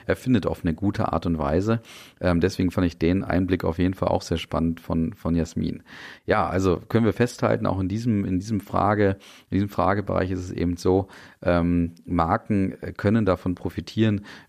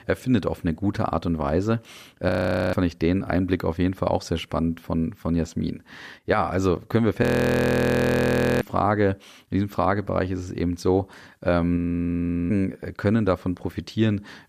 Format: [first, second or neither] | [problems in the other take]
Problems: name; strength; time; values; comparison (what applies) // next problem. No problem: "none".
first | audio freezing; at 2.5 s, at 7 s for 1.5 s and at 12 s for 0.5 s